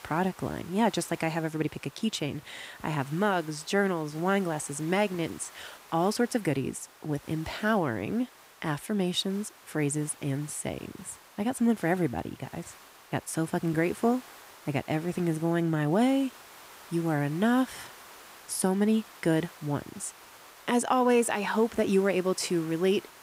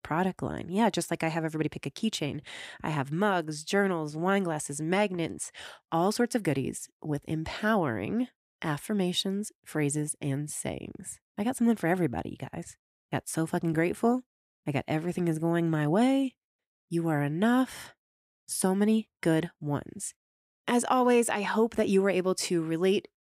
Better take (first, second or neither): second